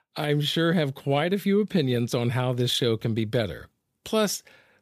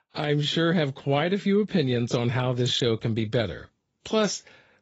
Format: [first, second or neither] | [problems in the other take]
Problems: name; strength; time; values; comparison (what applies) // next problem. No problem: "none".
first | garbled, watery; badly; nothing above 7.5 kHz